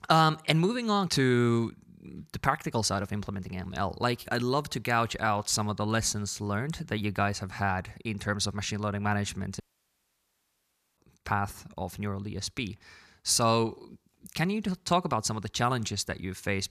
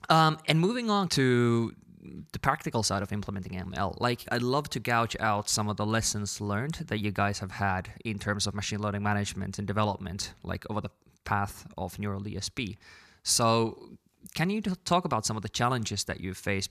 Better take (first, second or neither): second